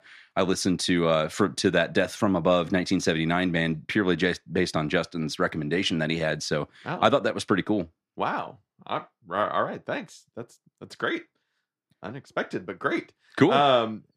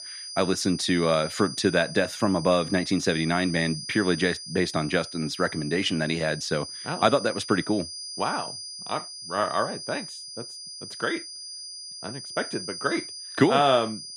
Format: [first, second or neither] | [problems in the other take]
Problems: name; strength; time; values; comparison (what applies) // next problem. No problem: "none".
first | high-pitched whine; loud; throughout; 5 kHz, 10 dB below the speech